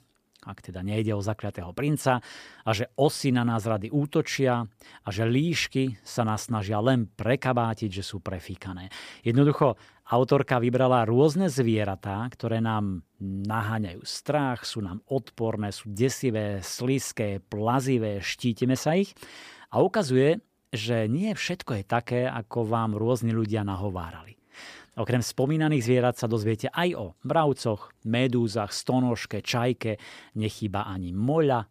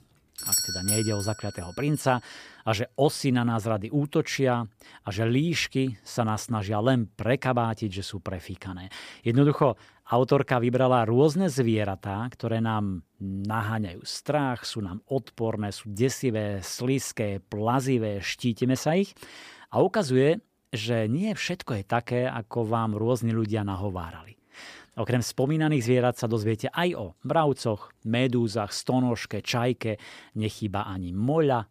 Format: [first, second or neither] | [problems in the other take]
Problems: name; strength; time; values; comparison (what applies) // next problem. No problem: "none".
first | doorbell; loud; at 0.5 s; peak 3 dB above the speech